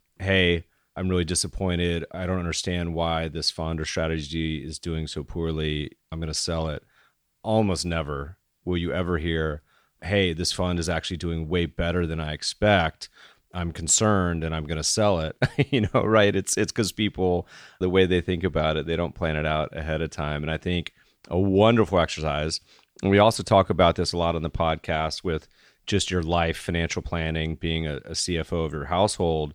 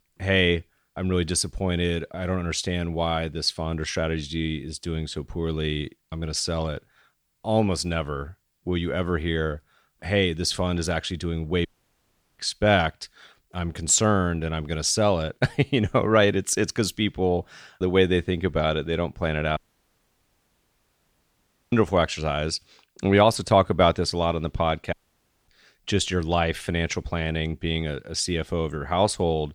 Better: first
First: none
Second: audio cutting out; at 12 s for 0.5 s, at 20 s for 2 s and at 25 s for 0.5 s

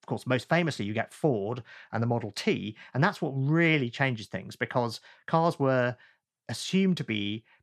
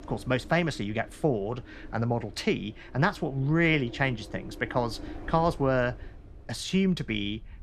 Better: first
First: none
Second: wind noise on the microphone; occasional gusts; 20 dB below the speech

